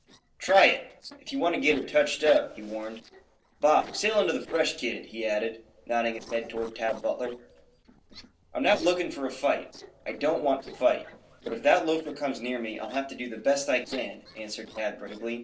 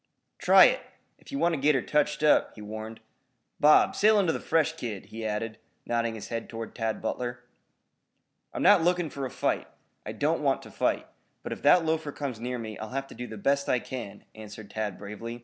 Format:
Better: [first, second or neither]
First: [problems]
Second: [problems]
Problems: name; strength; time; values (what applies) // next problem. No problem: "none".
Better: second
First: noise reduction (neural separator model SepFormer DNS4)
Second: none